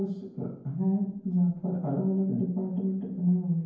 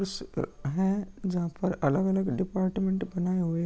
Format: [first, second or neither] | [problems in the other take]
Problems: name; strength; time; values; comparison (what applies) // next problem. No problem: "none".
second | room echo; dies away in 0.9 s